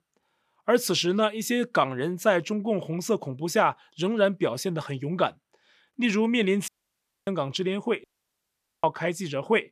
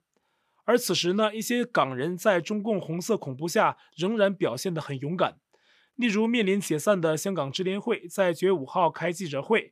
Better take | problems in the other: second | audio cutting out; at 6.5 s for 0.5 s and at 8 s for 1 s

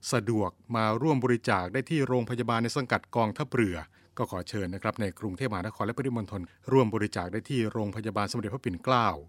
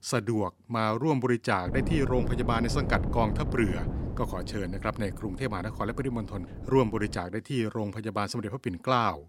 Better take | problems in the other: first | wind noise on the microphone; occasional gusts; from 1.5 to 7 s; 10 dB below the speech

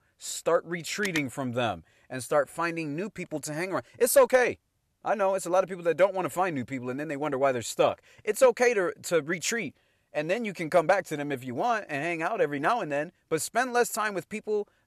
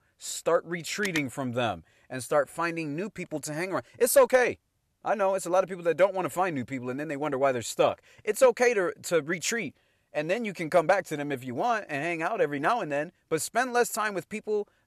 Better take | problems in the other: neither | phone ringing; noticeable; at 1 s; peak 9 dB below the speech; the same in both

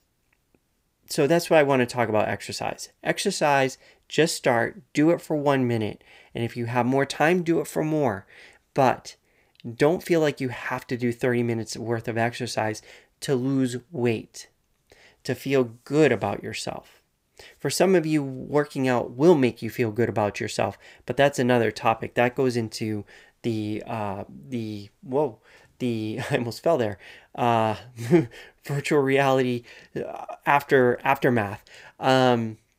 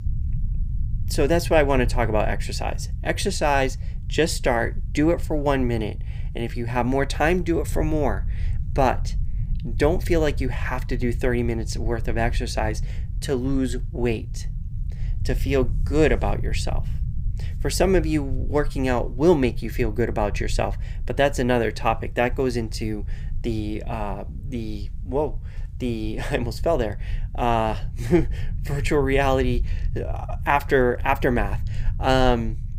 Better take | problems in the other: first | low rumble; faint; throughout; 25 dB below the speech

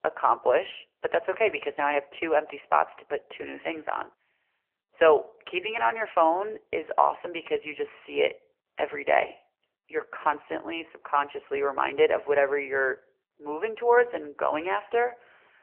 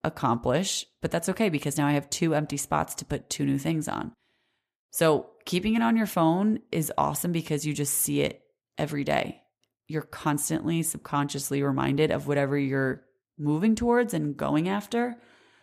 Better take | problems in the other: second | phone-call audio; poor line; nothing above 3 kHz

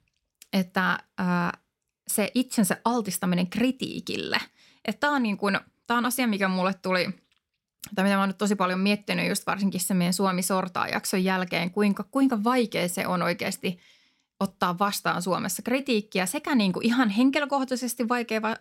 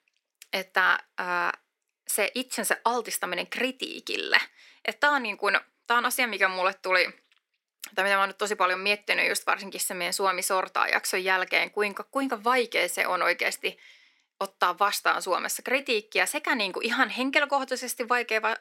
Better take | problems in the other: first | thin; very; fading below 350 Hz

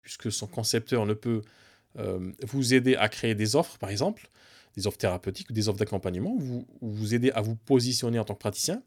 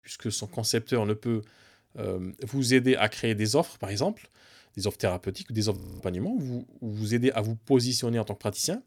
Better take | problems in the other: first | audio freezing; at 6 s

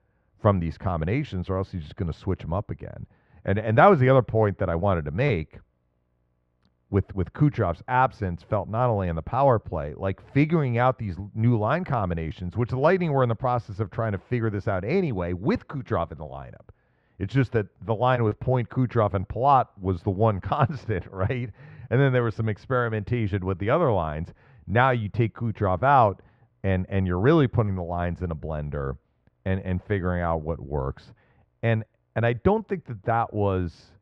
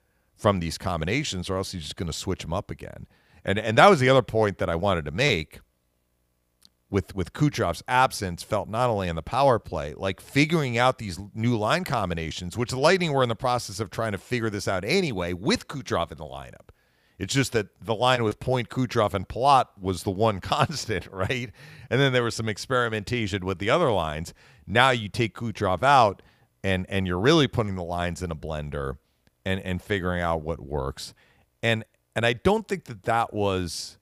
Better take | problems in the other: second | muffled; very; fading above 1.5 kHz

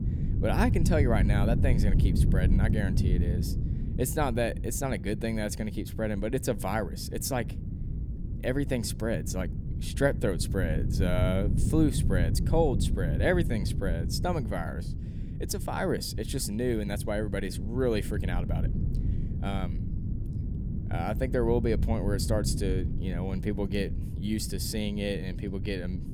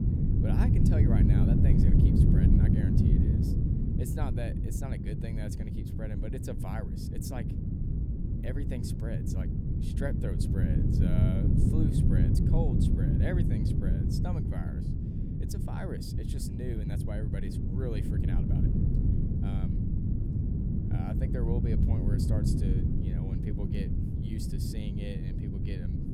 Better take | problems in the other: first | wind noise on the microphone; heavy; 4 dB above the speech; occasional gusts in the first

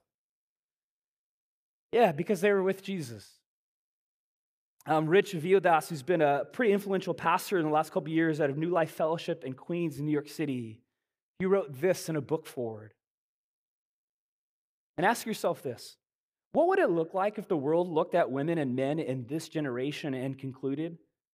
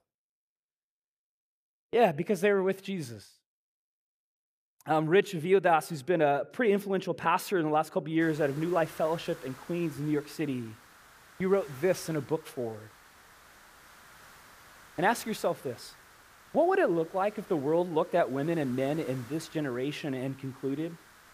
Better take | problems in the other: first | hiss; faint; from 8 s on; 20 dB below the speech

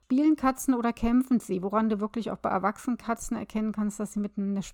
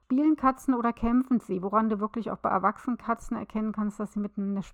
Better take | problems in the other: first | muffled; slightly; fading above 3 kHz

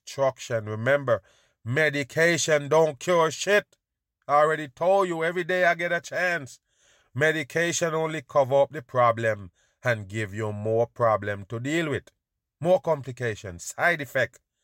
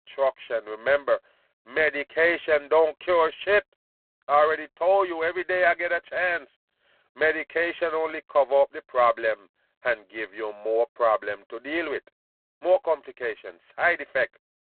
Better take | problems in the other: first | phone-call audio; poor line; nothing above 4 kHz

